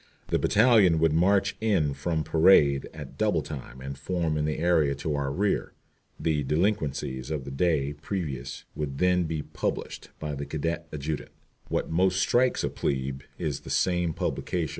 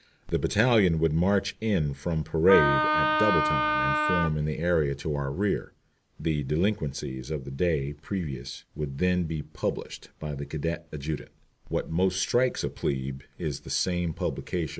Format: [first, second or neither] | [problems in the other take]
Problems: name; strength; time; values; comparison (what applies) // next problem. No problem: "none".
first | background sound (Wind instrument, woodwind instrument); 1 dB above the speech